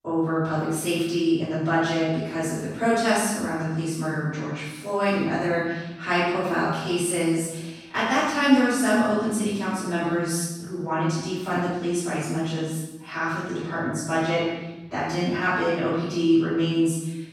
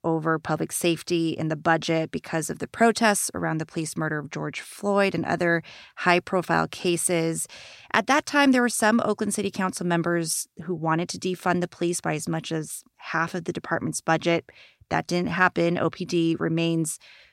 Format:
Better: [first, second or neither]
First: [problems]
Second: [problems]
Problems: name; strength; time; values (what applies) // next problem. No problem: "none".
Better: second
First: off-mic speech; far // room echo; strong; dies away in 1 s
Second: none